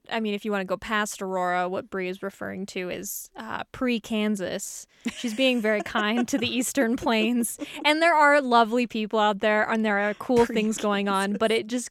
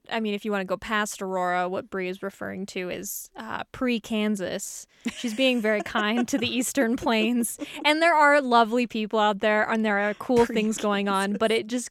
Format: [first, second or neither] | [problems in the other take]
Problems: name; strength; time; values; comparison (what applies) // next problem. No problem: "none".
neither | none